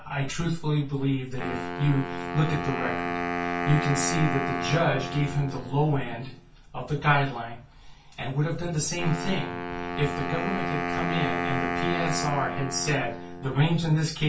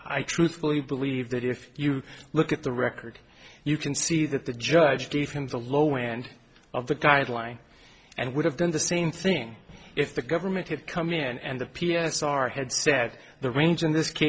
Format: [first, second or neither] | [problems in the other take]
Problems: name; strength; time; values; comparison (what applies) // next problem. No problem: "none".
second | background sound (Wind instrument, woodwind instrument); 5 dB below the speech // room echo; dies away in 0.2 s